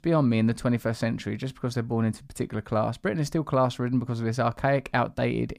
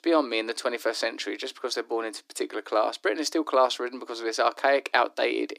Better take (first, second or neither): first